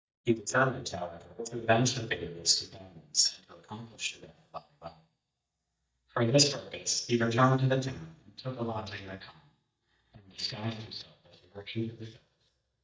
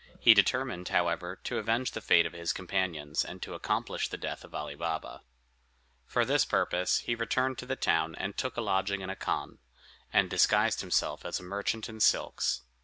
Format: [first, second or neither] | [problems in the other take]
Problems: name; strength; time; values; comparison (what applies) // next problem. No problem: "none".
second | noise reduction (neural mask model DeepFilterNet 3)